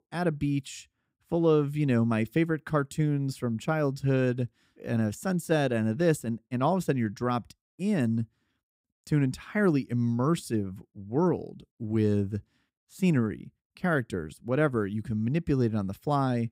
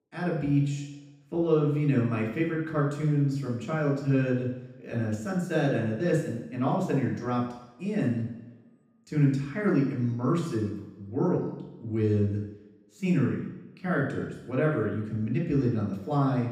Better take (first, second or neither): first